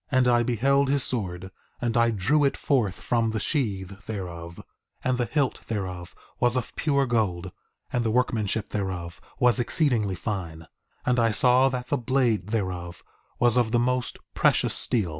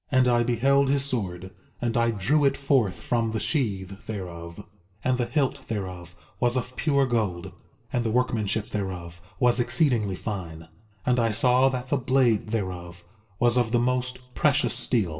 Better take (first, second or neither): first